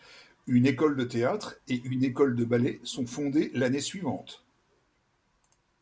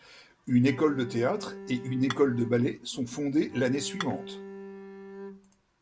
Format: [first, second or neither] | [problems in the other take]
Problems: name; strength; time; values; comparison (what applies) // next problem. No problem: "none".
first | background sound (Bowed string instrument + Dishes, pots, and pans / Chink, clink); 12 dB below the speech